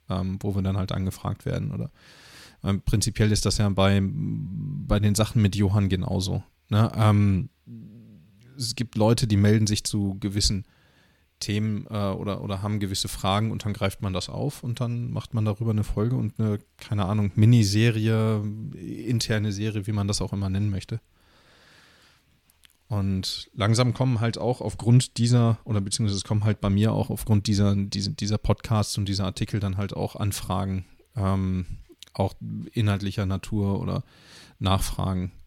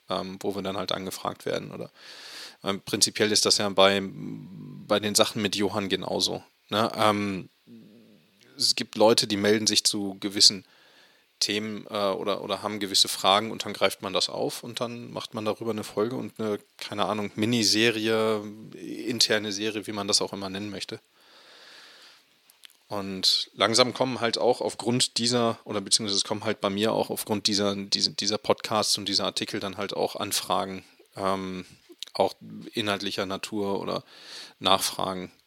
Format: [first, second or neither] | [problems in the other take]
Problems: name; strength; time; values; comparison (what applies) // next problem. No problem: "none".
first | thin; somewhat; fading below 400 Hz